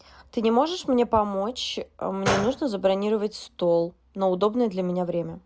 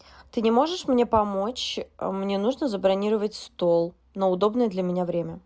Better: second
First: background sound (Gunshot, gunfire); 8 dB below the speech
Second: none

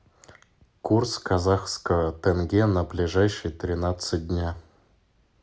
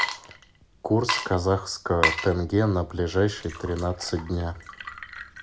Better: first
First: none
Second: background sound (Water / Liquid); 7 dB below the speech

